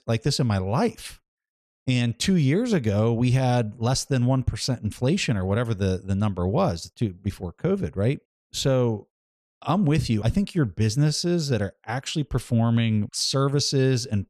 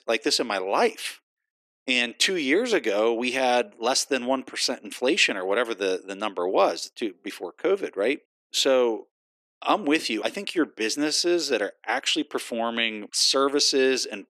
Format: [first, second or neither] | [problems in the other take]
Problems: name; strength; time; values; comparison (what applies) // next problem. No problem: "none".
first | thin; very; fading below 300 Hz